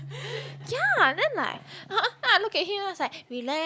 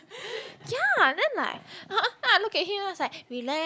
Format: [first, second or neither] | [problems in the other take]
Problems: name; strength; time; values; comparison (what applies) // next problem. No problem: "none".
second | background sound (Keyboard (musical)); 19 dB below the speech